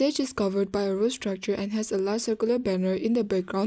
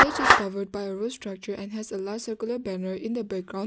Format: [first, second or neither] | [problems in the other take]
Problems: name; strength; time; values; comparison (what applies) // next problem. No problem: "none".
first | background sound (Clapping); 3 dB above the speech